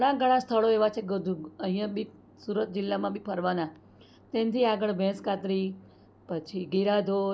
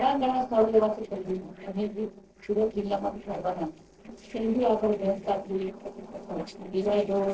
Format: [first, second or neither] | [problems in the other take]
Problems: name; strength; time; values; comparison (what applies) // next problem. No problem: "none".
first | noise reduction (neural separator model SepFormer DNS4)